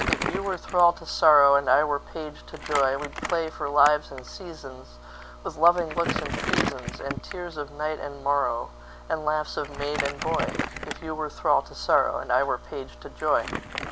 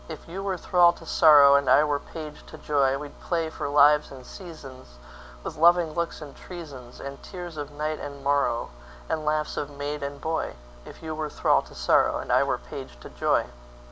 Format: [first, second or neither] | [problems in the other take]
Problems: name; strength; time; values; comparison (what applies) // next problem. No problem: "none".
second | background sound (Crumpling, crinkling); 9 dB below the speech